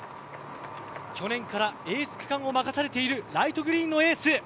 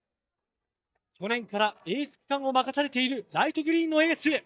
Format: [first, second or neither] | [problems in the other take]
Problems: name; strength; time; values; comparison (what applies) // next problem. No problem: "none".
first | noise reduction (neural mask model DeepFilterNet 3)